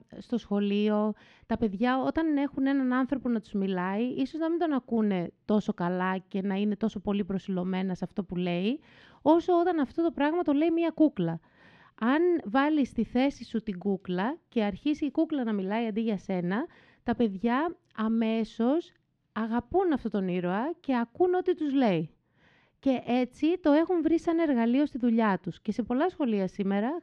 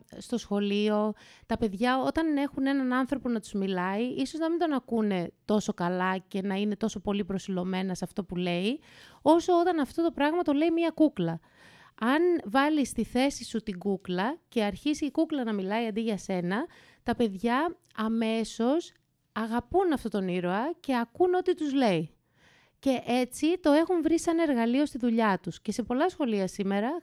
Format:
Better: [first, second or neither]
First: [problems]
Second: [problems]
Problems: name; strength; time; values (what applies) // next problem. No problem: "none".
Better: second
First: muffled; slightly; fading above 3.5 kHz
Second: none